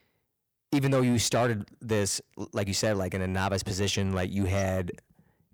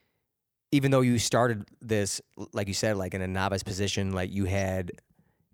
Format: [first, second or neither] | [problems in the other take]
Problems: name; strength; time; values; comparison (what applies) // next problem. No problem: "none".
second | distortion; slight; 10 dB below the speech